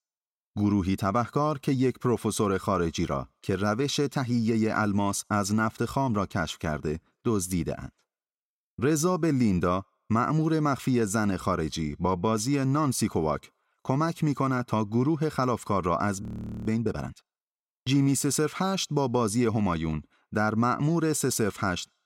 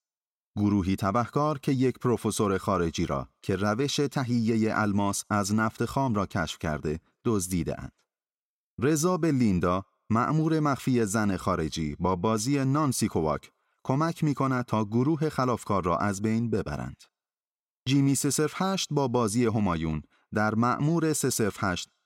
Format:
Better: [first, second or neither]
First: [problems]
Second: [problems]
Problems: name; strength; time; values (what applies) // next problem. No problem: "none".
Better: second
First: audio freezing; at 16 s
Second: none